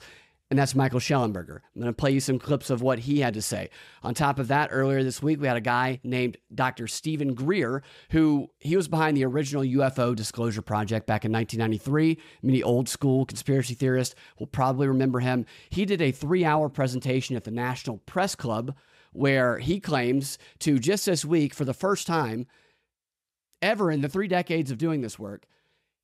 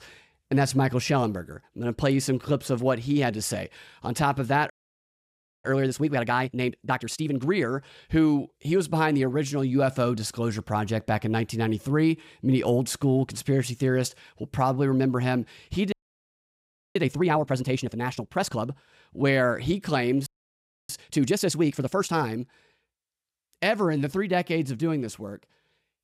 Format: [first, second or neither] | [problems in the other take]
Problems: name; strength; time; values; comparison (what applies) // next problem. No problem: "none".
first | audio freezing; at 4.5 s for 1 s, at 16 s for 1 s and at 20 s for 0.5 s